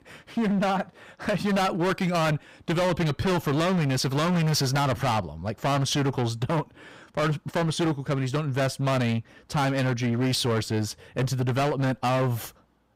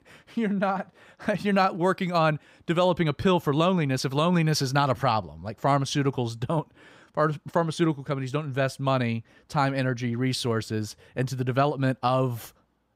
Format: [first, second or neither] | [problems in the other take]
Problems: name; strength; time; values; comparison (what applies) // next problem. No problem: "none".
second | distortion; heavy; 23% of the sound clipped